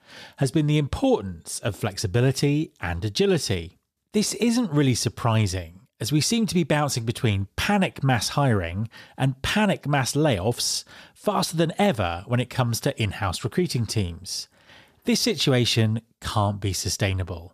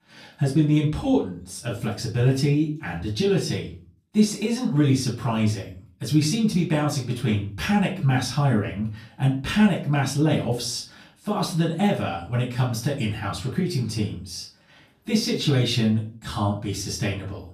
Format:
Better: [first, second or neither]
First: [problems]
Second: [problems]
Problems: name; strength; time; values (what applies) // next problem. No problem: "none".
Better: first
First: none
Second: off-mic speech; far // room echo; slight; dies away in 0.4 s